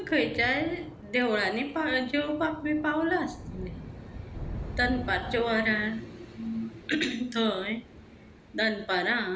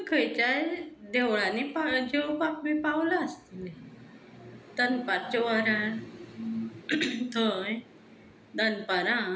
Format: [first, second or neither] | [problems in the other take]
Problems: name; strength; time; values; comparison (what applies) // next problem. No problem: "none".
second | background sound (Thunder / Rain); 13 dB below the speech